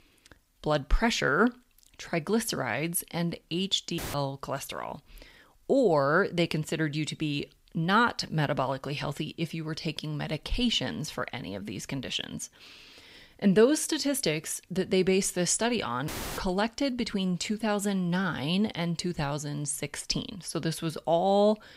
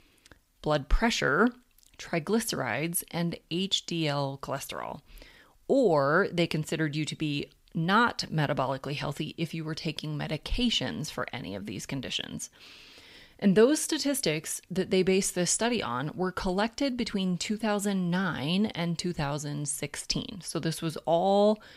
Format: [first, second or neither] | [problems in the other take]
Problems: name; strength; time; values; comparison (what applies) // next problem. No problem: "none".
second | audio cutting out; filled with static; at 4 s and at 16 s